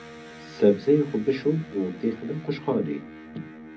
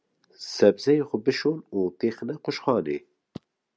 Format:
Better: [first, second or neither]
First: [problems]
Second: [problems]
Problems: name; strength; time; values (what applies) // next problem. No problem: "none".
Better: second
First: background sound (Electric guitar); 17 dB below the speech // room echo; dies away in 0.4 s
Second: none